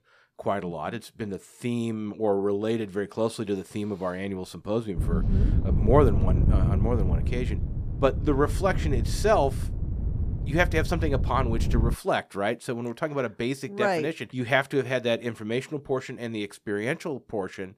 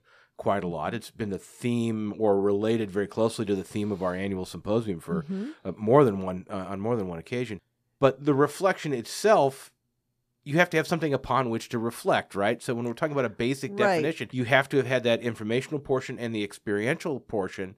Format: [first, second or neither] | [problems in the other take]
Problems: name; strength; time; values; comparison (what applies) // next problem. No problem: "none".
second | wind noise on the microphone; occasional gusts; from 5 to 12 s; 10 dB below the speech